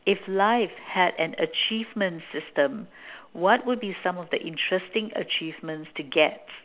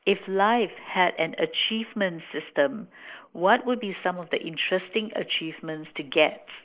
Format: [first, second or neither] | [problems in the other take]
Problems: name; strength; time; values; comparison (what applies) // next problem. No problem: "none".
first | noise reduction (neural mask model Resemble Enhance denoiser)